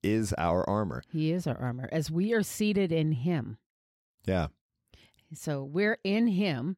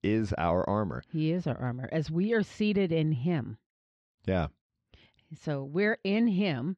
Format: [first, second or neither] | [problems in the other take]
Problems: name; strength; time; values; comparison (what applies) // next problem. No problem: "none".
first | muffled; very slightly; fading above 4 kHz